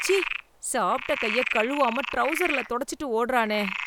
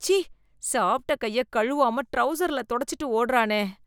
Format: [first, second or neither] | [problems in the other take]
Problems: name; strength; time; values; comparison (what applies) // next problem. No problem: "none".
second | background sound (Frog); 6 dB below the speech